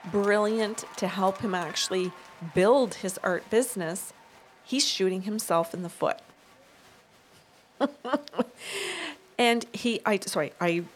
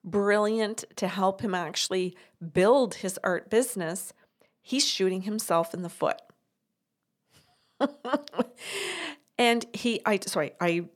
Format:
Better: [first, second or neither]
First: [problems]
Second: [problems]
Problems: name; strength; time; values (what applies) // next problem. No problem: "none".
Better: second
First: crowd noise; faint; throughout; 20 dB below the speech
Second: none